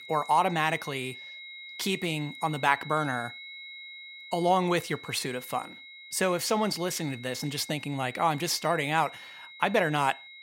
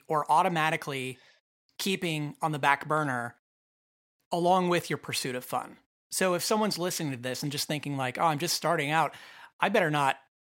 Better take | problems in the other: second | high-pitched whine; noticeable; throughout; 2 kHz, 15 dB below the speech

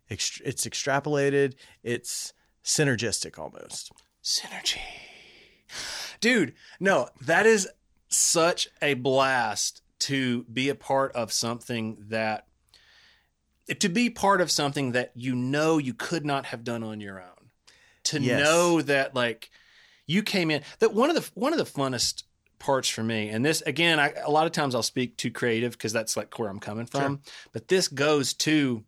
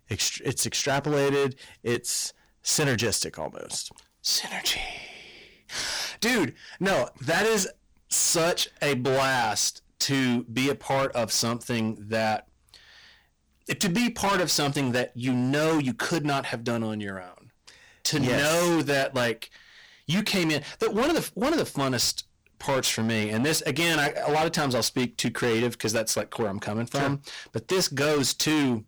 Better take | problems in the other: first | distortion; heavy; 18% of the sound clipped

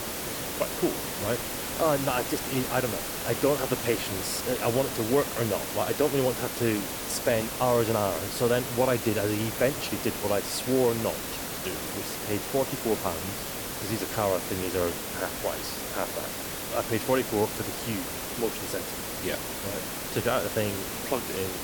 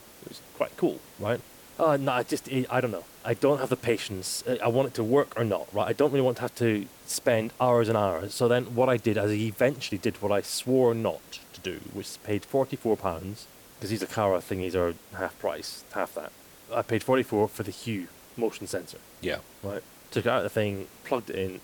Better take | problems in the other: second | hiss; loud; throughout; 3 dB below the speech; faint in the second

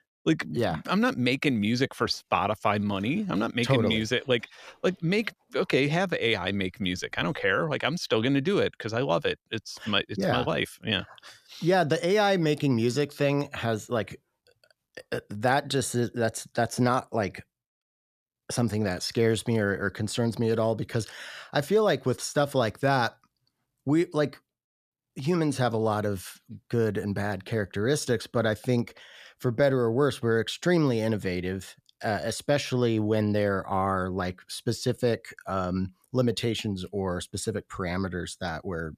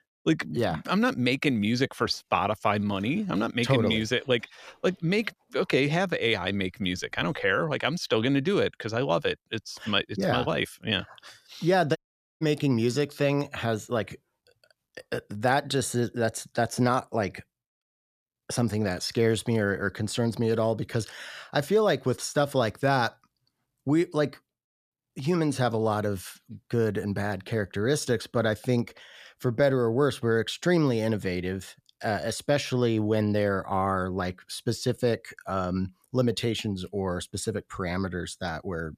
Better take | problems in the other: first | audio cutting out; at 12 s

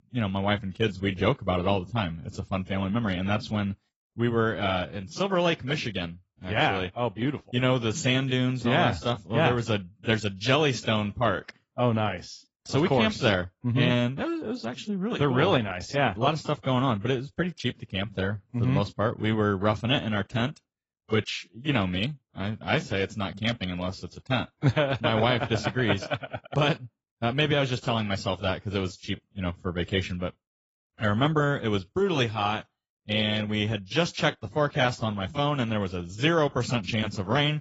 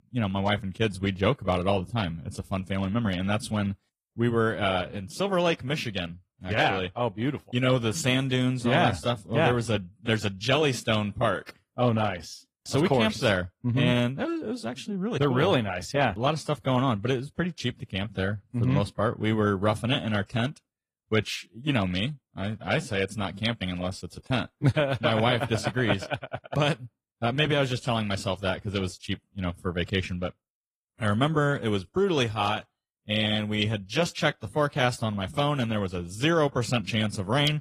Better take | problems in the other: second | garbled, watery; badly; nothing above 7.5 kHz; slightly in the second

